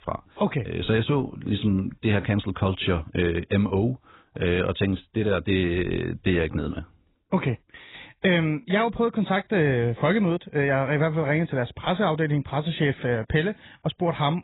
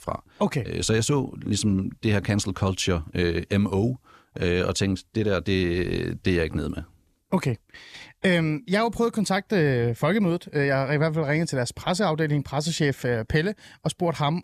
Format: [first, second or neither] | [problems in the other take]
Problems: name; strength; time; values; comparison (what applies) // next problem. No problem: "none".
second | garbled, watery; badly; nothing above 4 kHz